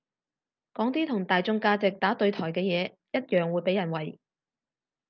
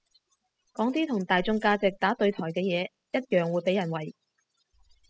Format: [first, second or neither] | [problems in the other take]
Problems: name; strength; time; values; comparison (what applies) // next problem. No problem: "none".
first | noise reduction (classical method spectral subtraction)